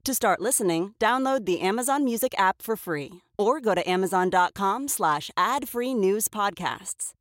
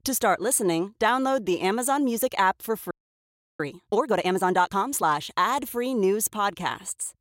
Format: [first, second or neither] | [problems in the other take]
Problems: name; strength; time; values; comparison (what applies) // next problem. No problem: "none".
first | audio freezing; at 3 s for 0.5 s